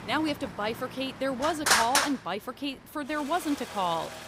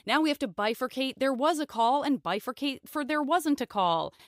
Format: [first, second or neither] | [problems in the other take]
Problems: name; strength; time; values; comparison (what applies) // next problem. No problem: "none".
second | traffic noise; very loud; throughout; 3 dB above the speech